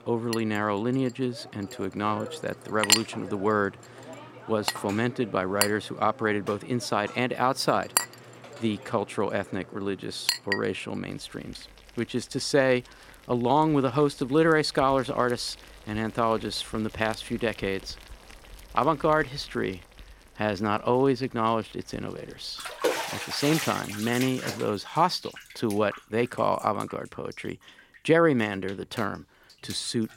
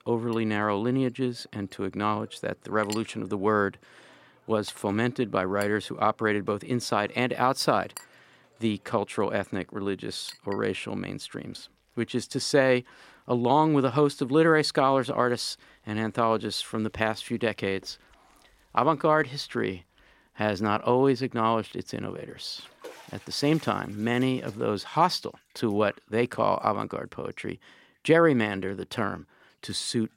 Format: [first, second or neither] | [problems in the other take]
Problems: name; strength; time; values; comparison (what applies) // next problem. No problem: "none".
second | household noises; loud; throughout; 5 dB below the speech; faint in the second